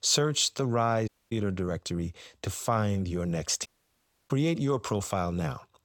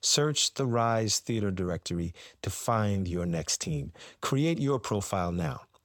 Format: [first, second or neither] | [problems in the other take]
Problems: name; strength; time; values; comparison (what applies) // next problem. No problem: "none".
second | audio cutting out; at 1 s and at 3.5 s for 0.5 s